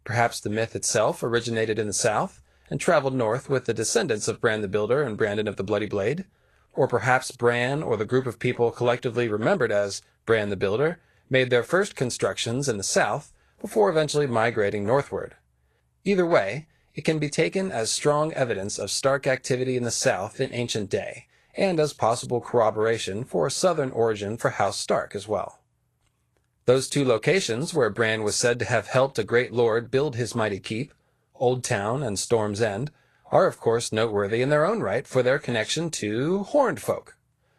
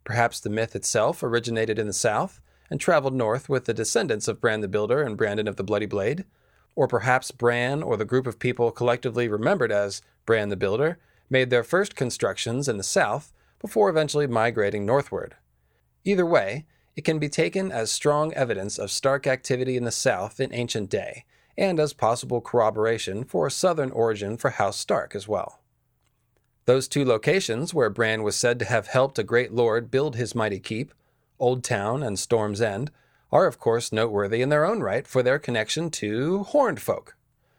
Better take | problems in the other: second | garbled, watery; slightly

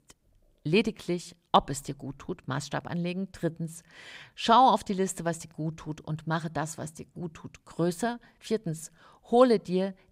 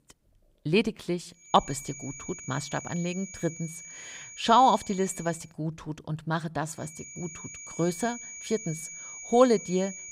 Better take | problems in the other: first | high-pitched whine; noticeable; from 1.5 to 5.5 s and from 7 s on; 6.5 kHz, 15 dB below the speech

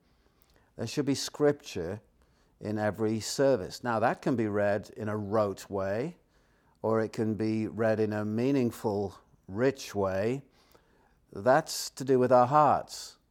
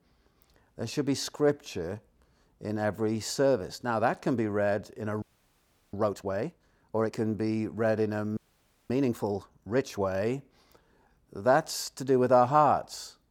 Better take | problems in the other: first | audio freezing; at 5 s for 0.5 s and at 8.5 s for 0.5 s

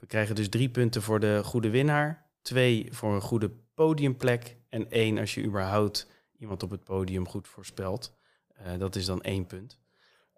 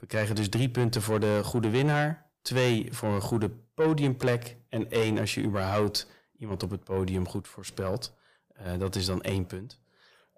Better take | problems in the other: first | distortion; slight; 10 dB below the speech

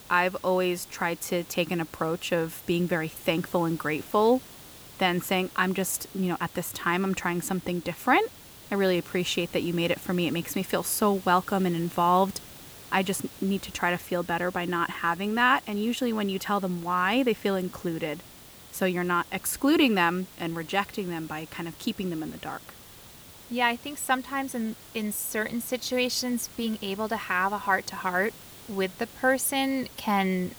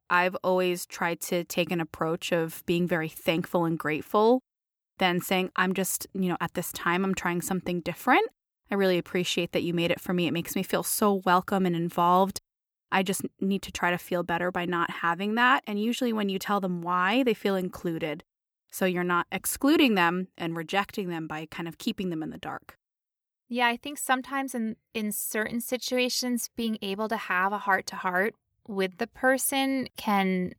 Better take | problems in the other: second | hiss; noticeable; throughout; 20 dB below the speech

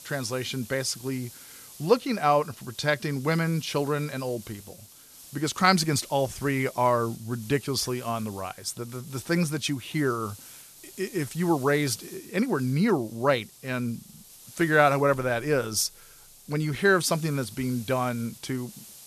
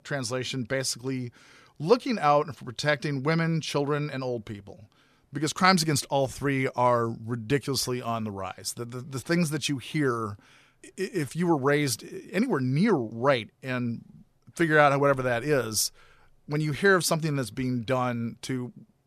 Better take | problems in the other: second | hiss; noticeable; throughout; 20 dB below the speech

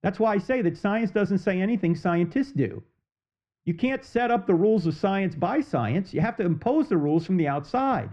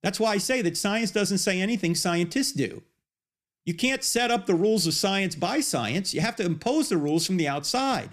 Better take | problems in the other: second | muffled; very; fading above 1.5 kHz

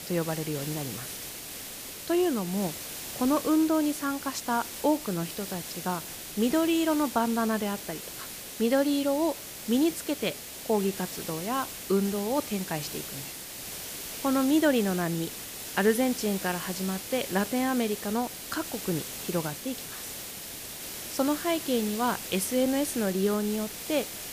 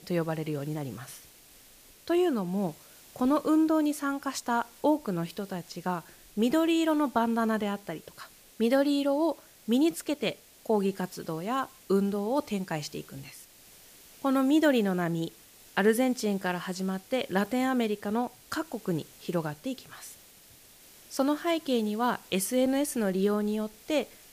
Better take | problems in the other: second | hiss; loud; throughout; 8 dB below the speech; faint in the second

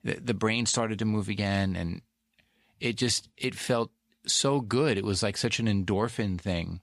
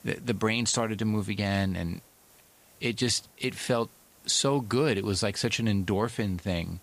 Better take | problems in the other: first | hiss; faint; throughout; 25 dB below the speech

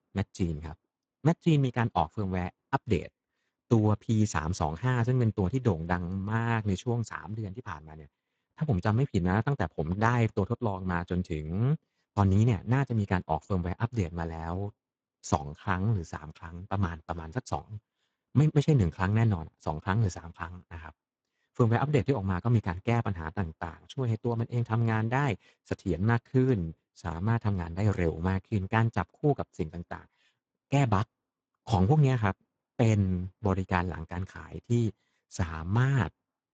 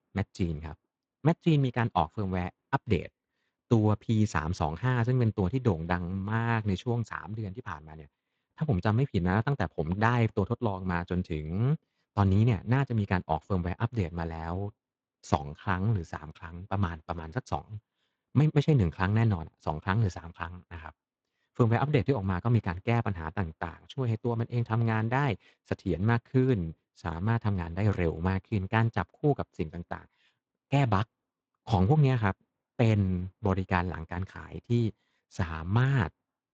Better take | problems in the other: second | garbled, watery; badly; nothing above 18.5 kHz; slightly in the second

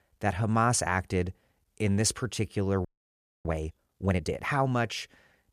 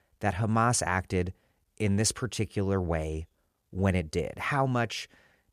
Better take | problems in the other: second | audio freezing; at 3 s for 0.5 s

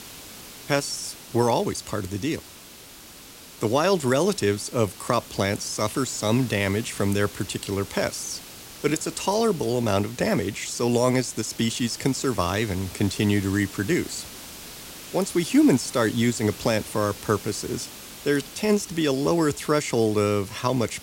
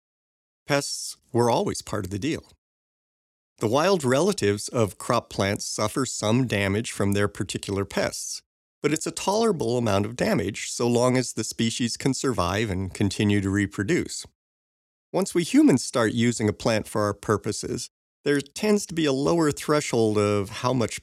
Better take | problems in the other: second | hiss; noticeable; throughout; 15 dB below the speech

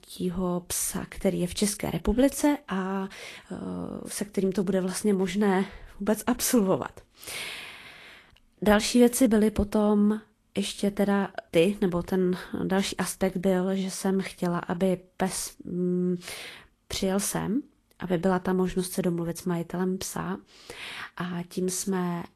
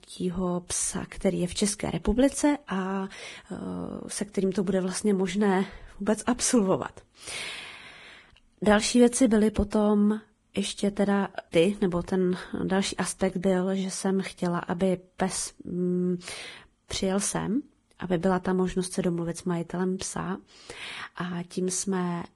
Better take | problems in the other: first | garbled, watery; badly; nothing above 10.5 kHz; slightly in the first

